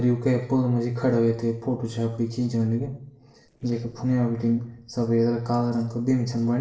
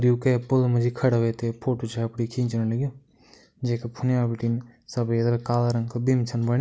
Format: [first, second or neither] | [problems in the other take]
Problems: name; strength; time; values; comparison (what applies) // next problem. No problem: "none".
second | noise reduction (neural separator model SepFormer DNS4)